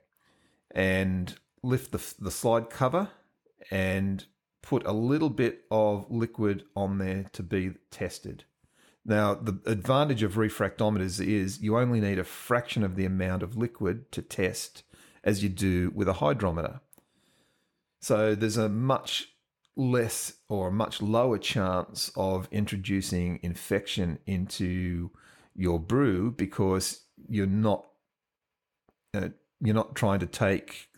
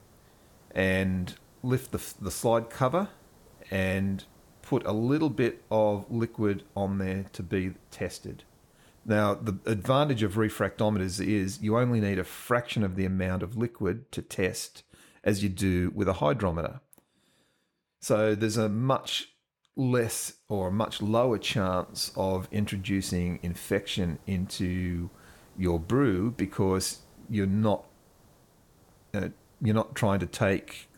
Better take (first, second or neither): first